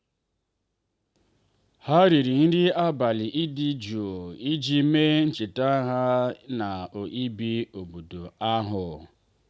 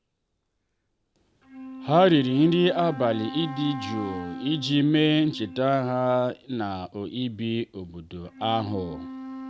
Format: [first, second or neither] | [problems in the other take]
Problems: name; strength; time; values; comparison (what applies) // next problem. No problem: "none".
first | background sound (Wind instrument, woodwind instrument); 14 dB below the speech